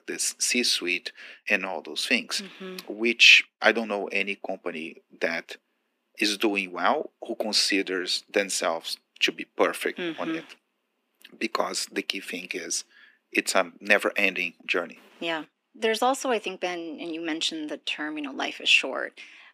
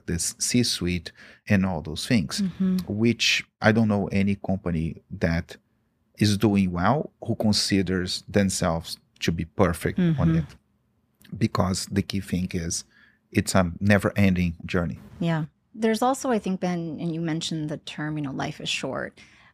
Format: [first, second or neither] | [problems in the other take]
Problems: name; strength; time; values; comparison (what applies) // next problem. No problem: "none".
second | thin; somewhat; fading below 250 Hz